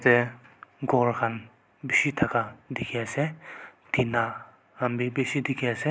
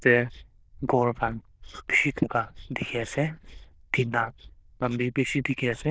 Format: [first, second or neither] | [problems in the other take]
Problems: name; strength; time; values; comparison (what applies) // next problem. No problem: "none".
first | noise reduction (neural diffusion model UNIVERSE++)